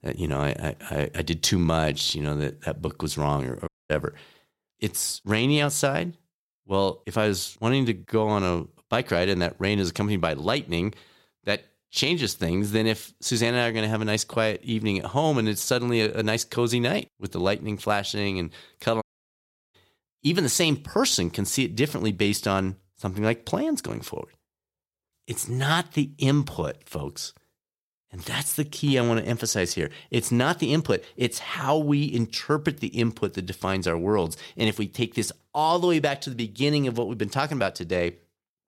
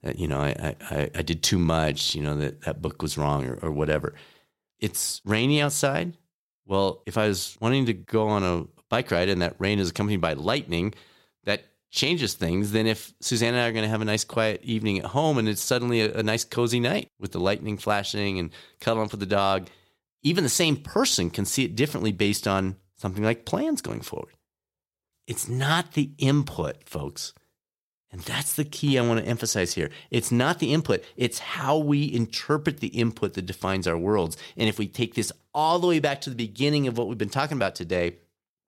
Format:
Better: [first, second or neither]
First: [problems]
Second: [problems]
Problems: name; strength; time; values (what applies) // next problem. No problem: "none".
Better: second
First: audio cutting out; at 3.5 s and at 19 s for 0.5 s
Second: none